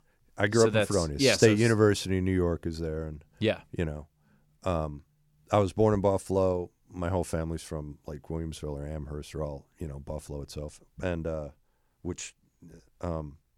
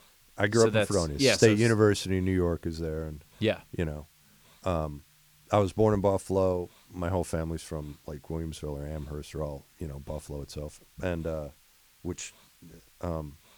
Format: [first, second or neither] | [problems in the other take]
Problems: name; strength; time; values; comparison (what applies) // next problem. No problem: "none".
first | hiss; faint; throughout; 30 dB below the speech